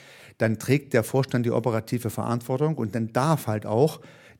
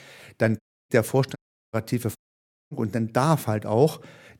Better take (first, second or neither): first